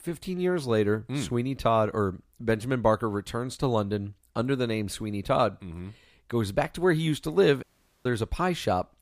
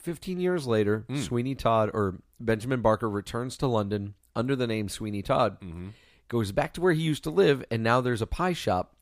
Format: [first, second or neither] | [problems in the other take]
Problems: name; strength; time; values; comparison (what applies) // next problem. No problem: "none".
second | audio cutting out; at 7.5 s